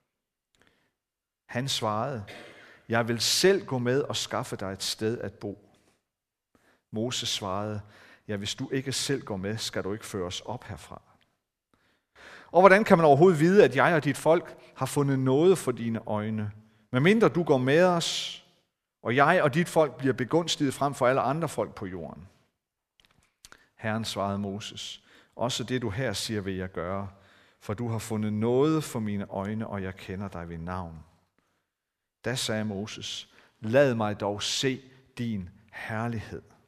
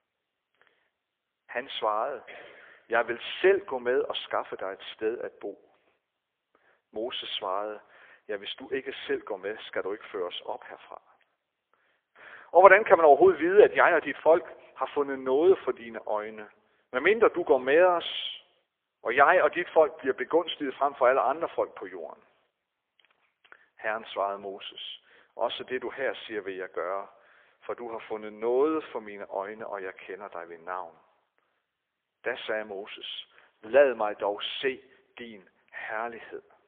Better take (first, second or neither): first